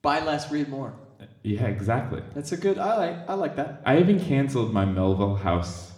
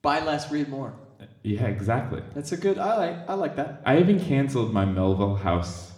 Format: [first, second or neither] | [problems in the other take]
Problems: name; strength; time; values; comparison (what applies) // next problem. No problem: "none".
neither | room echo; very slight; dies away in 0.8 s; the same in both